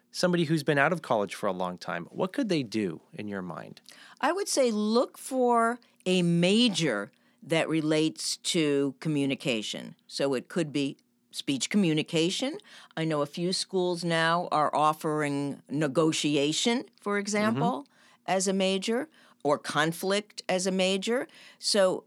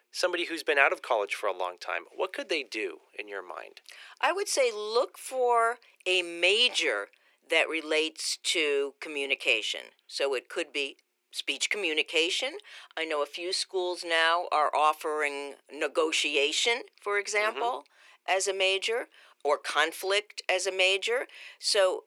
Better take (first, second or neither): first